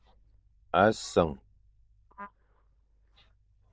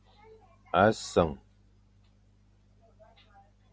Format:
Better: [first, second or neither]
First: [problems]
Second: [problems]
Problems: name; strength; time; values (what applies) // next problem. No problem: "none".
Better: second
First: noise reduction (neural diffusion model UNIVERSE++)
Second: none